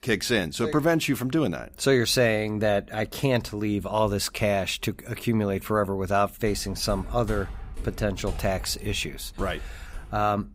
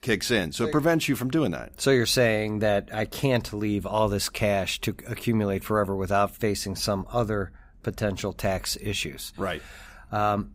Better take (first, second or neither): second